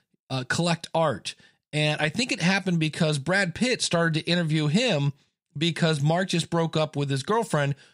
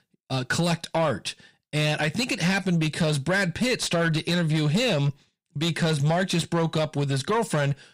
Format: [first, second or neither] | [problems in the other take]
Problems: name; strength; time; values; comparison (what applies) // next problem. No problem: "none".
first | distortion; slight; 10 dB below the speech